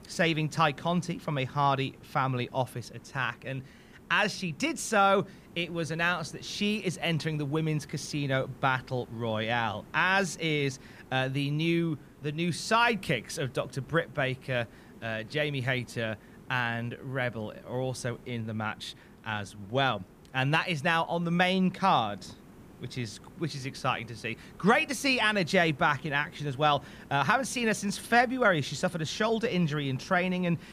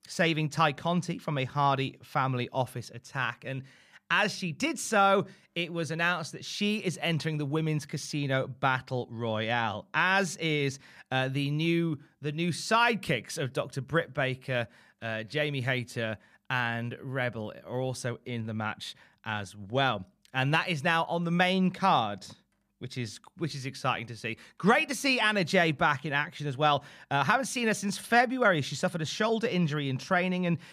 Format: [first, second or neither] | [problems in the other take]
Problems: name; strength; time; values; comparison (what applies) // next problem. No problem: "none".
second | hiss; faint; throughout; 25 dB below the speech